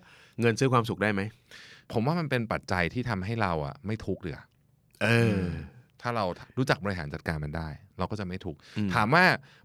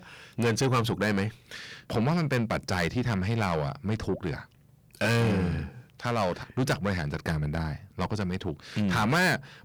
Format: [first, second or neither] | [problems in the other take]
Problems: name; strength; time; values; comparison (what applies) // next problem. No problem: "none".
first | distortion; heavy; 6 dB below the speech